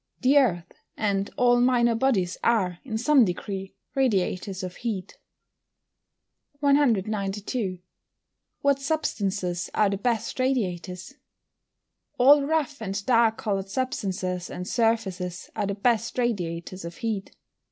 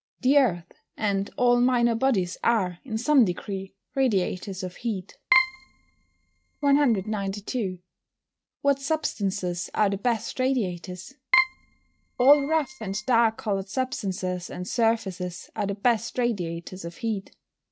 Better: first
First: none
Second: noise reduction (neural mask model RNNoise)

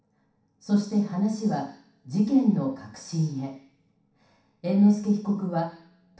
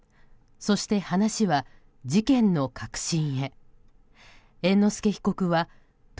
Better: second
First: room echo; dies away in 0.7 s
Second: none

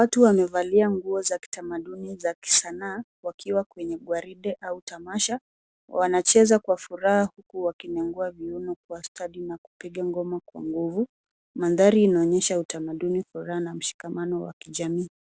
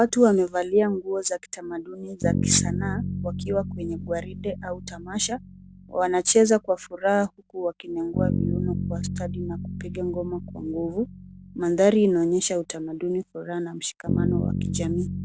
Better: first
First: none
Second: background sound (Bass guitar); 5 dB below the speech

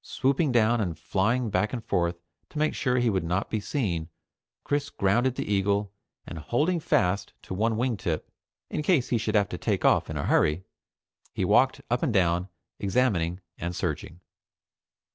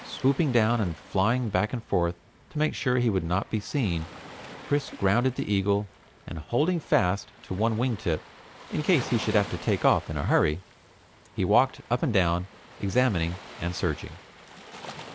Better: first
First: none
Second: background sound (Waves, surf); 18 dB below the speech

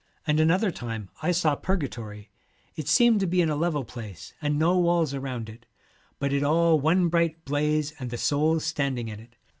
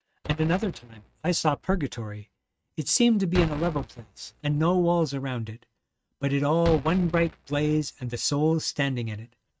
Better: first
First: none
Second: noise reduction (neural mask model RNNoise)

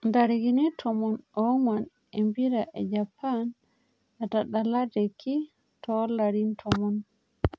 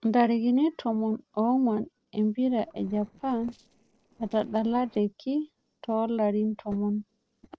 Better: first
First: none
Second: noise reduction (neural separator model SepFormer DNS4)

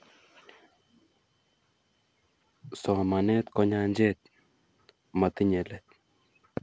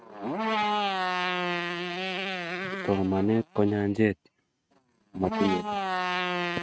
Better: first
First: none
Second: noise reduction (neural mask model RNNoise)

